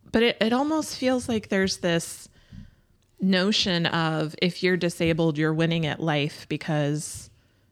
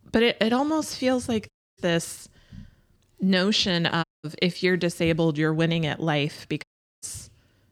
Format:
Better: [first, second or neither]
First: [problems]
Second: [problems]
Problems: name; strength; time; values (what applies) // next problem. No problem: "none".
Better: first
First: none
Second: audio cutting out; at 1.5 s, at 4 s and at 6.5 s